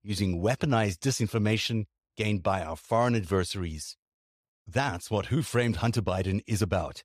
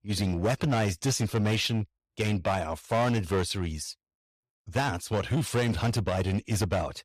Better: first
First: none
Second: distortion; slight; 11% of the sound clipped

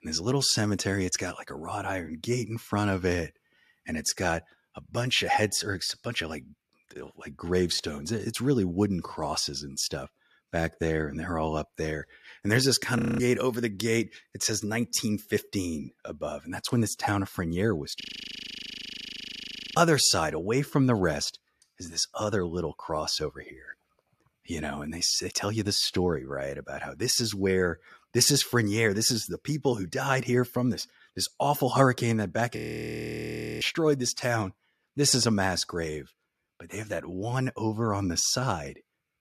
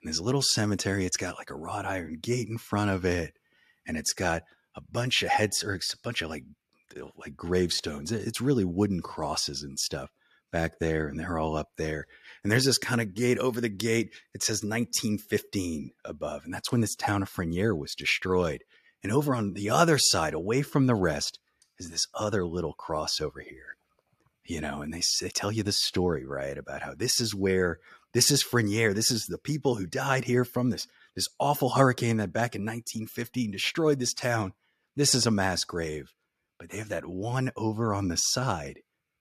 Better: second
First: audio freezing; at 13 s, at 18 s for 2 s and at 33 s for 1 s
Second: none

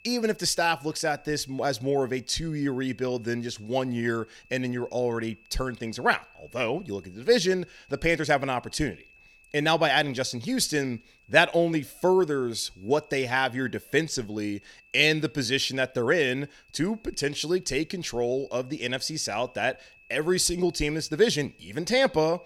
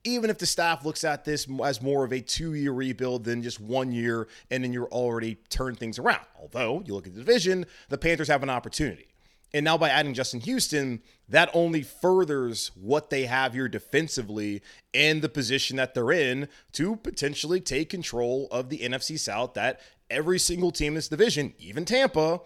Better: second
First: high-pitched whine; faint; throughout; 2.5 kHz, 30 dB below the speech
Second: none

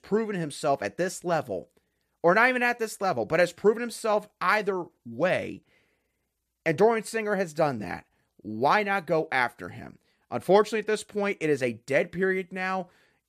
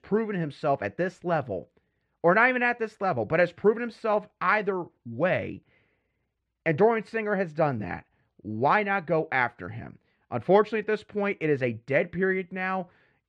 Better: first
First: none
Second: muffled; slightly; fading above 2.5 kHz

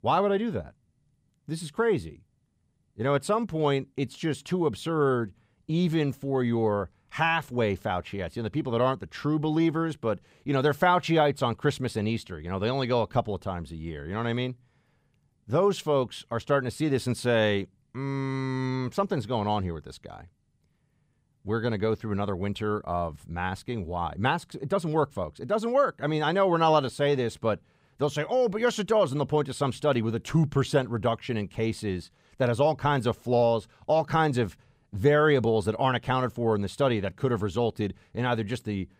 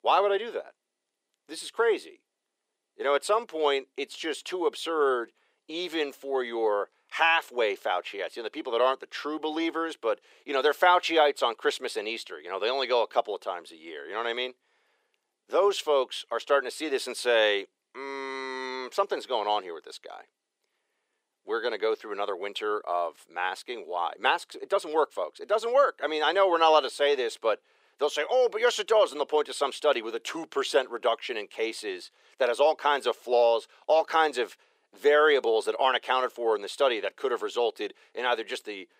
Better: first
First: none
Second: thin; very; fading below 350 Hz

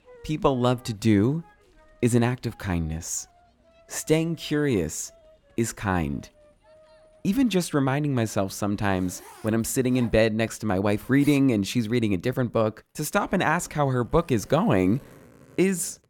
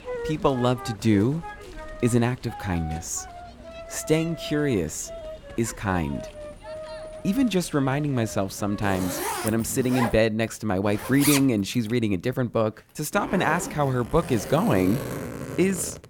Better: first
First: household noises; faint; throughout; 25 dB below the speech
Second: household noises; loud; throughout; 10 dB below the speech

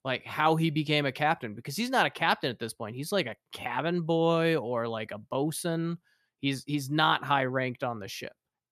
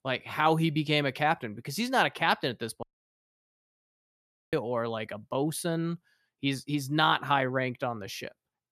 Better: first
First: none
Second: audio cutting out; at 3 s for 1.5 s

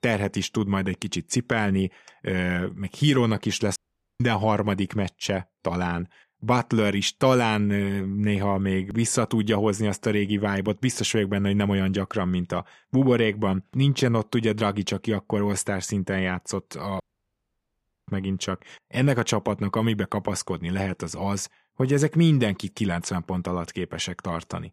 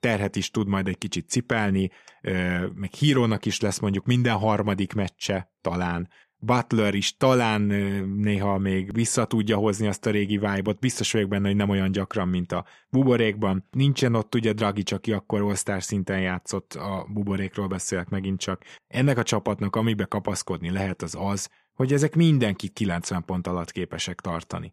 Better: second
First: audio cutting out; at 4 s and at 17 s for 1 s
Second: none

